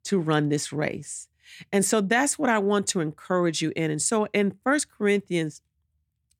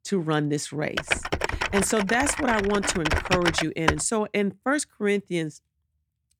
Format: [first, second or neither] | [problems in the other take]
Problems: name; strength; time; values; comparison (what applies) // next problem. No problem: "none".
first | keyboard typing; loud; from 1 to 4 s; peak 1 dB above the speech